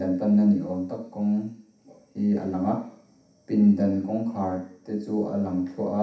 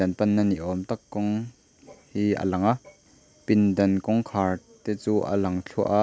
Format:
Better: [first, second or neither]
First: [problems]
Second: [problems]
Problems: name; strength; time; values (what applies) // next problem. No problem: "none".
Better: second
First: room echo; dies away in 0.7 s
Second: none